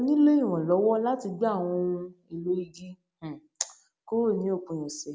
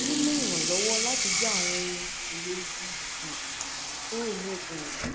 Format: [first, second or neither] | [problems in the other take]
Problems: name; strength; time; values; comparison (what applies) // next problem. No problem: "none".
first | background sound (Sink (filling or washing) / Water tap, faucet); 4 dB above the speech